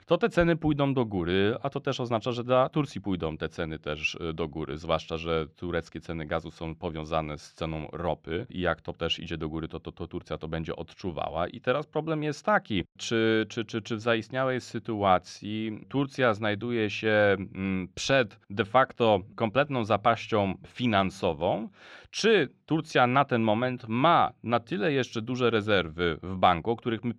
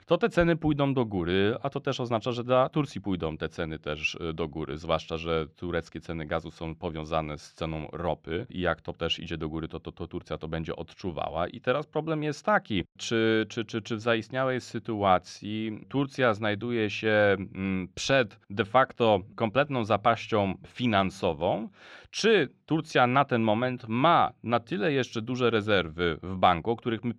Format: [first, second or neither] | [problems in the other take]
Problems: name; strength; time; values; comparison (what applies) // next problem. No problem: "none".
neither | muffled; slightly; fading above 3 kHz; the same in both